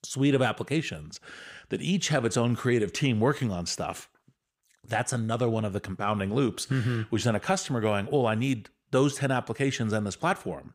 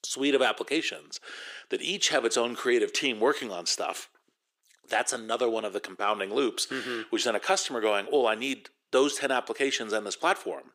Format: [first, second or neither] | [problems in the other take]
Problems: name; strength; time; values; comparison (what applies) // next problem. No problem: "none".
first | thin; somewhat; fading below 350 Hz